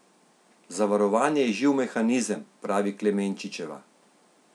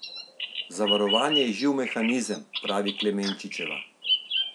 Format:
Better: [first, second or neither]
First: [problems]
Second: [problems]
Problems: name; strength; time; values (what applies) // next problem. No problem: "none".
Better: first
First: none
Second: background sound (Bird vocalization, bird call, bird song); 3 dB below the speech